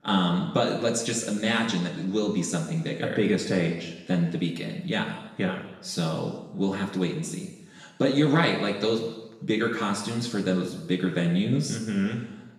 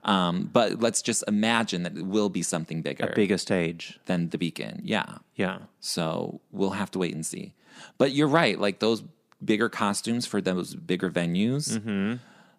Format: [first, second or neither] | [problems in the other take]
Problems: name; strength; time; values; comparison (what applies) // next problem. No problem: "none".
second | room echo; noticeable; dies away in 1 s // off-mic speech; far